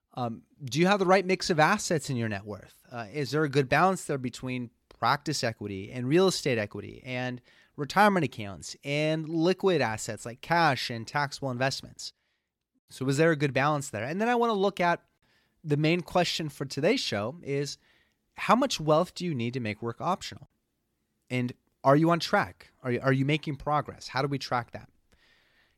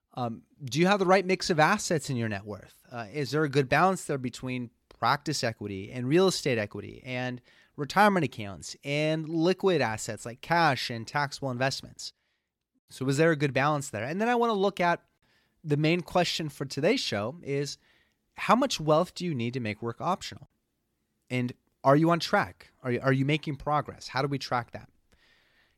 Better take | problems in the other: neither | none

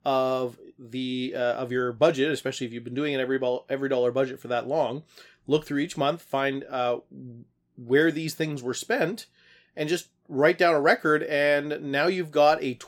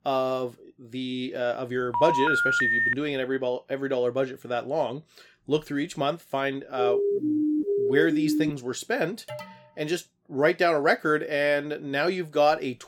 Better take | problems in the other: first | phone ringing; loud; from 2 to 3 s; peak 5 dB above the speech // siren; loud; from 7 to 8.5 s; peak 2 dB above the speech // alarm; faint; at 9.5 s; peak 15 dB below the speech

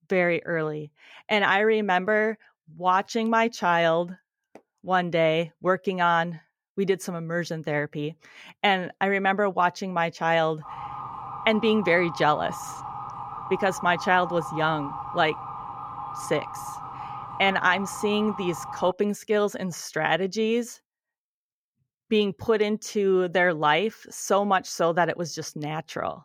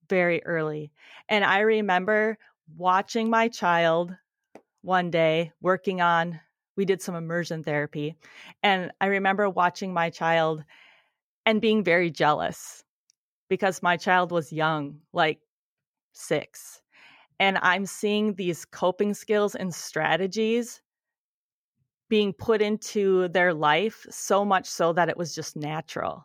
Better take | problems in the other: second | siren; noticeable; from 11 to 19 s; peak 9 dB below the speech

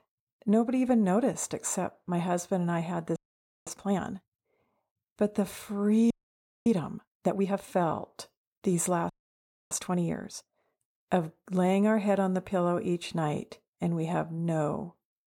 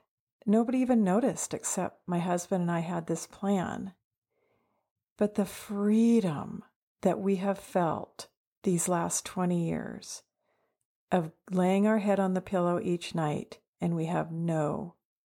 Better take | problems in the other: second | audio freezing; at 3 s for 0.5 s, at 6 s for 0.5 s and at 9 s for 0.5 s

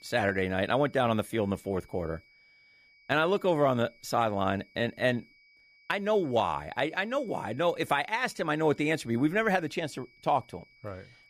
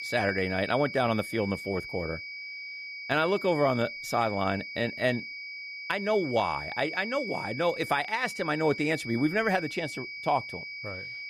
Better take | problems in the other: first | high-pitched whine; loud; throughout; 2.5 kHz, 8 dB below the speech; faint in the first

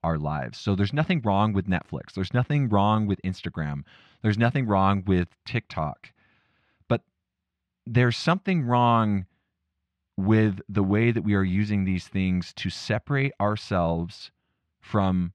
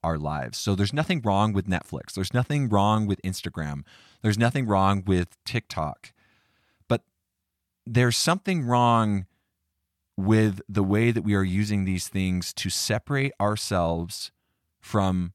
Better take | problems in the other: second | muffled; slightly; fading above 3 kHz

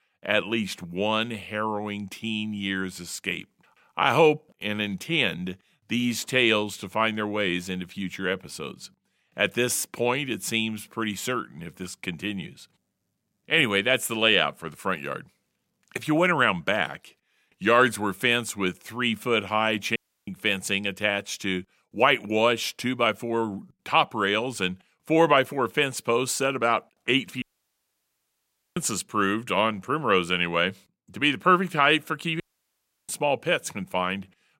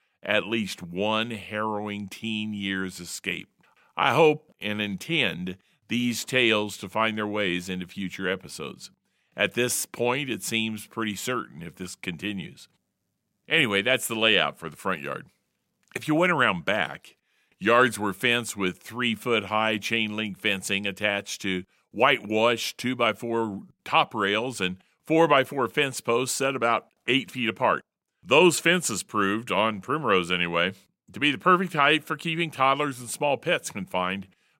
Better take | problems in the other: second | audio cutting out; at 20 s, at 27 s for 1.5 s and at 32 s for 0.5 s

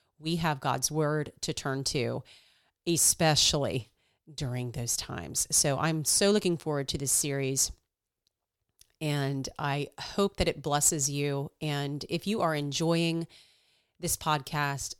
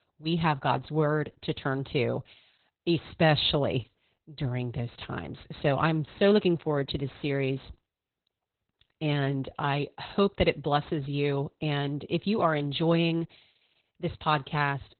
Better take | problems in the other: first | garbled, watery; badly; nothing above 4 kHz

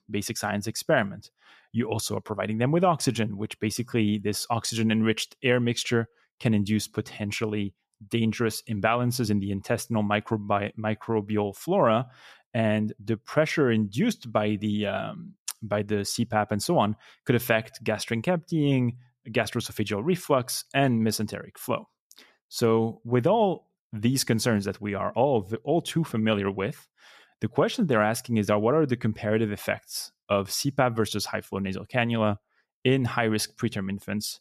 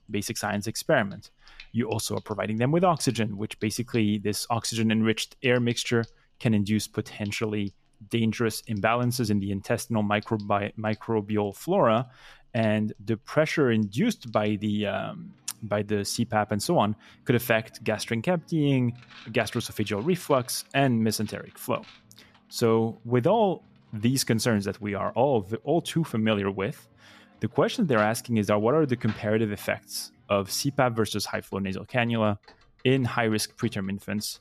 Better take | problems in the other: first | household noises; faint; throughout; 25 dB below the speech

